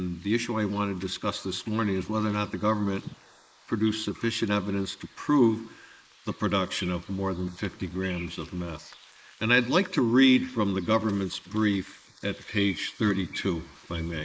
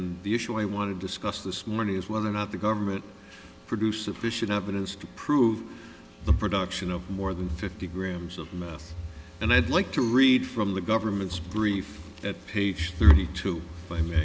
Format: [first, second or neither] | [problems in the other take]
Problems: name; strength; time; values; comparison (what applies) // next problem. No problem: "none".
second | noise reduction (neural mask model Resemble Enhance denoiser)